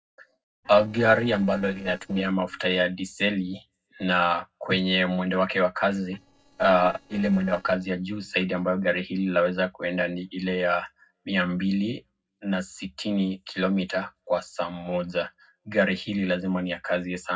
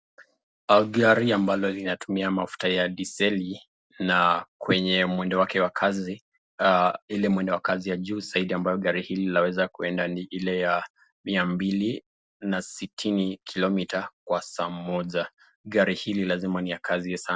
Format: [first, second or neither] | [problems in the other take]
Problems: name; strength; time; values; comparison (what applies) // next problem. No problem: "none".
second | noise reduction (neural separator model SepFormer DNS4)